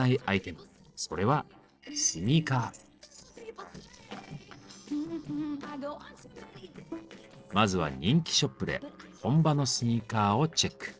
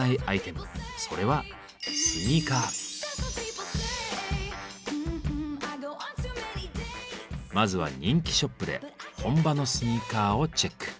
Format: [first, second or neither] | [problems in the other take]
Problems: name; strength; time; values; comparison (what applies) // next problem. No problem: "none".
second | noise reduction (neural separator model SepFormer DNS4)